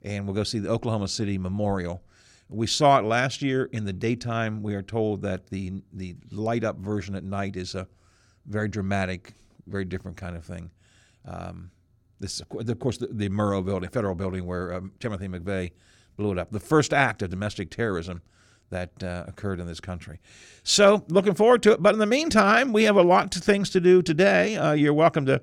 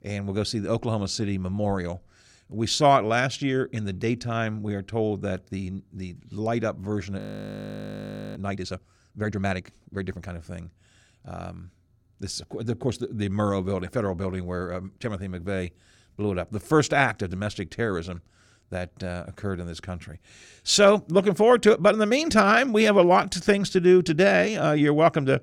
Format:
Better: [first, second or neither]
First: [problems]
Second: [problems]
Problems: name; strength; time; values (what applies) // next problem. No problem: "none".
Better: first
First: none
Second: audio freezing; at 7 s for 1 s